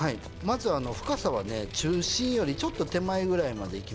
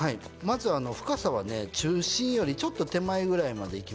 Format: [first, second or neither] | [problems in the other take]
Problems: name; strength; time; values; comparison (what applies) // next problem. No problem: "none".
second | background sound (Vehicle); 13 dB below the speech